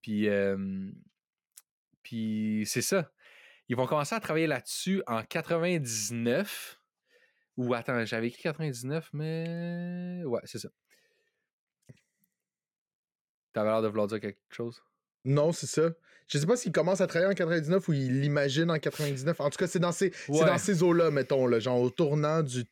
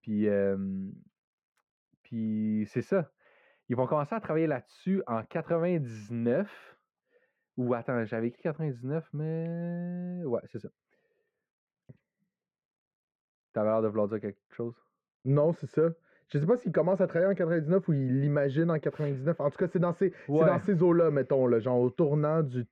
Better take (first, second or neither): first